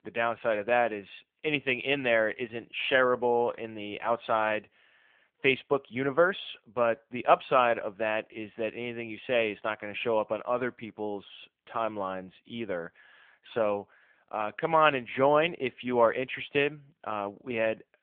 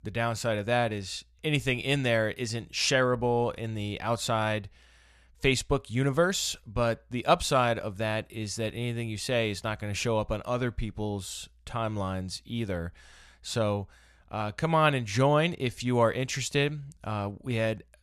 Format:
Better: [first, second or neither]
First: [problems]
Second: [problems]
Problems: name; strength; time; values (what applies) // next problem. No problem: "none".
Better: second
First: phone-call audio; nothing above 3.5 kHz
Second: none